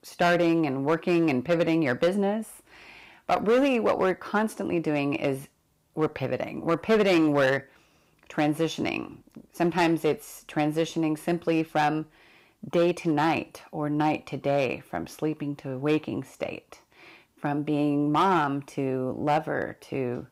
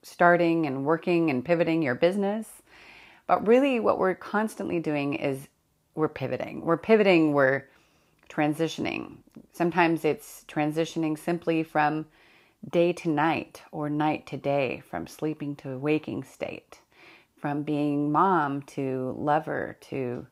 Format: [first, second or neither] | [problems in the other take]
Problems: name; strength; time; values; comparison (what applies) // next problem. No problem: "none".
second | distortion; slight; 4% of the sound clipped